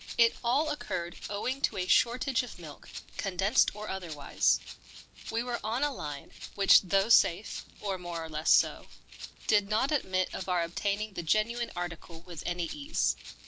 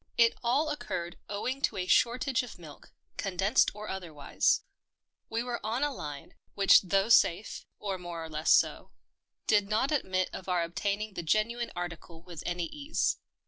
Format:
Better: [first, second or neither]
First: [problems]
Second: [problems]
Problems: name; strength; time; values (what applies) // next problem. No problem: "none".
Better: second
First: background sound (Rattle (instrument)); 15 dB below the speech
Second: none